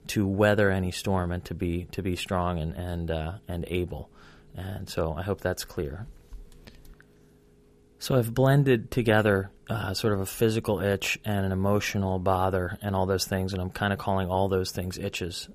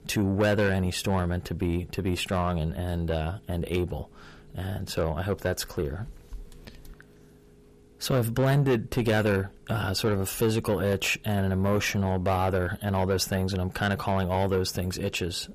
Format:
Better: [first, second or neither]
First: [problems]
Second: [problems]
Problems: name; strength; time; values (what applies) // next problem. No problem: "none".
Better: first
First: none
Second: distortion; slight; 10 dB below the speech